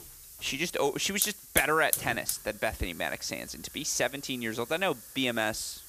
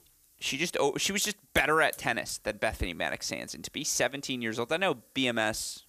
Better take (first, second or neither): second